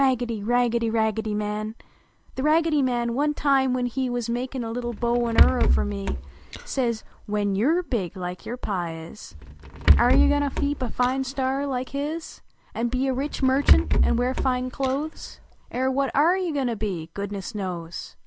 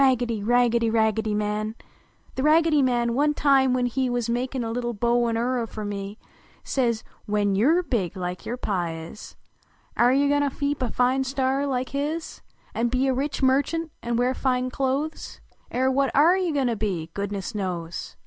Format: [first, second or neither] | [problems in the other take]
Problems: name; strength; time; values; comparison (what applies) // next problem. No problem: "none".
second | background sound (Rattle / Breathing); 1 dB above the speech